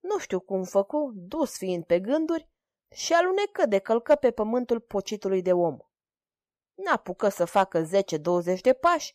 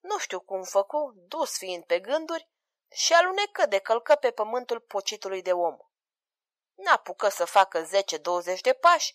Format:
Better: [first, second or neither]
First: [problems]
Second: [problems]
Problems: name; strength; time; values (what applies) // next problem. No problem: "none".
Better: first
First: none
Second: thin; very; fading below 800 Hz